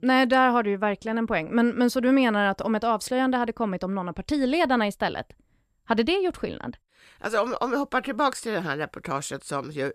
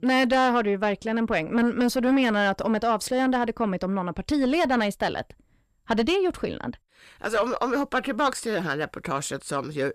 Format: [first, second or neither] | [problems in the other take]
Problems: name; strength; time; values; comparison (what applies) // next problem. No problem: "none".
first | distortion; slight; 10 dB below the speech